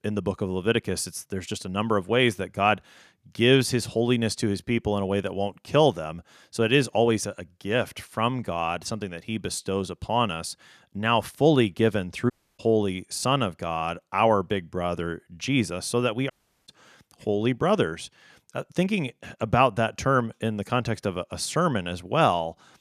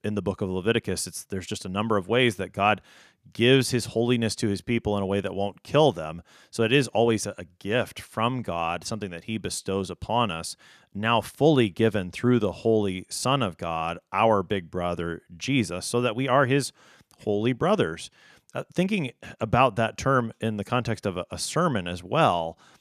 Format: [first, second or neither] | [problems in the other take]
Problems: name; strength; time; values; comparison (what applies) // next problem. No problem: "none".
second | audio cutting out; at 12 s and at 16 s